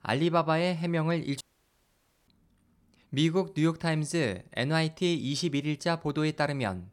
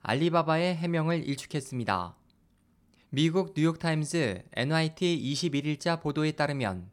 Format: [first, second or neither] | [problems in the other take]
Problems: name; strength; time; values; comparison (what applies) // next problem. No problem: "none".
second | audio cutting out; at 1.5 s for 1 s